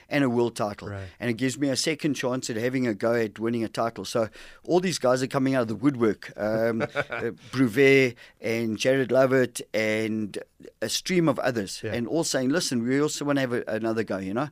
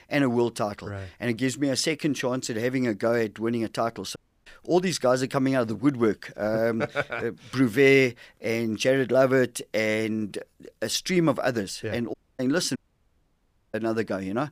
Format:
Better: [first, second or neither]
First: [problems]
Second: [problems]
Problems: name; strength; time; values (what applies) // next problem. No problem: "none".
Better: first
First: none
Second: audio cutting out; at 4 s, at 12 s and at 13 s for 1 s